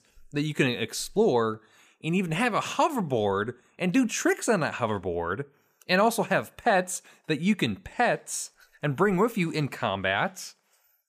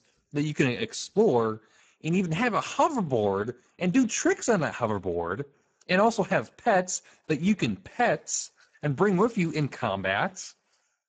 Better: first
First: none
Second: garbled, watery; badly; nothing above 7.5 kHz

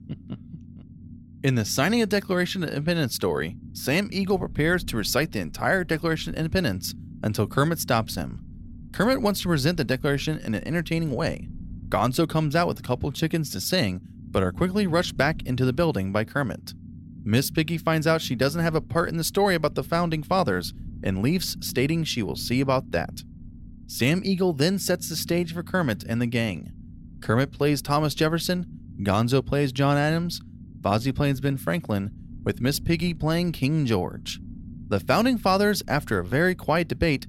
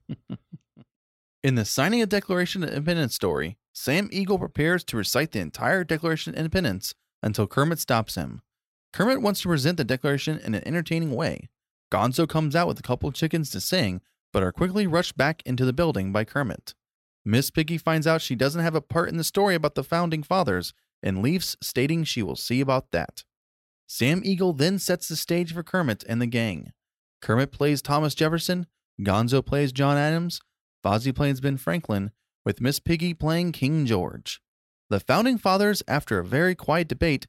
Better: second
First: low rumble; faint; throughout; 25 dB below the speech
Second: none

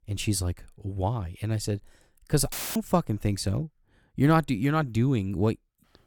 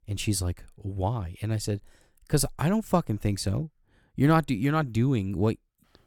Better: second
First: audio cutting out; filled with static; at 2.5 s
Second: none

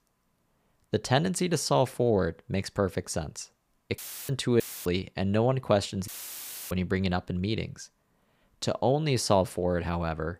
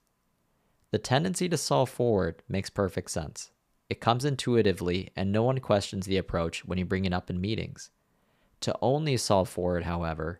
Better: second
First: audio cutting out; filled with static; at 4 s, at 4.5 s and at 6 s for 0.5 s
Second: none

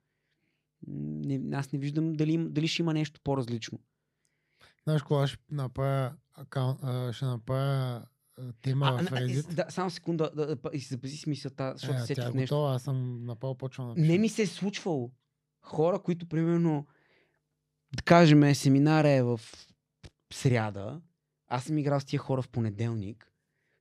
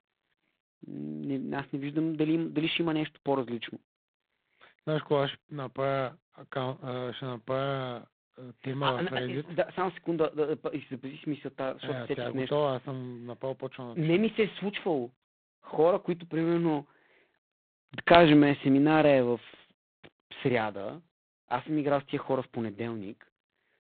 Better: first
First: none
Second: phone-call audio; poor line; nothing above 4 kHz

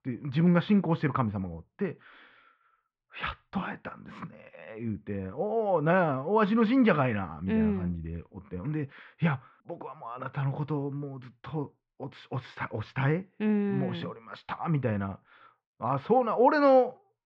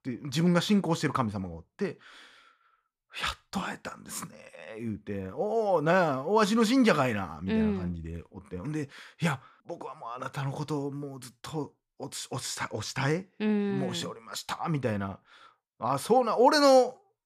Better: second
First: muffled; very; fading above 3 kHz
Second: none

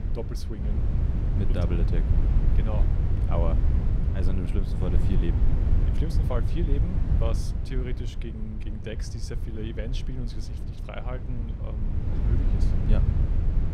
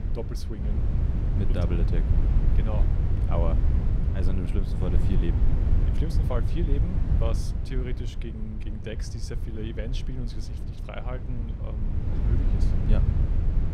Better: neither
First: low rumble; loud; throughout; 2 dB below the speech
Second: low rumble; loud; throughout; 2 dB below the speech

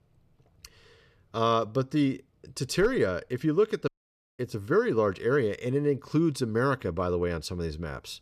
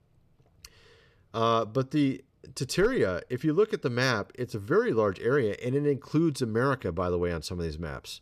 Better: second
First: audio cutting out; at 4 s for 0.5 s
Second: none

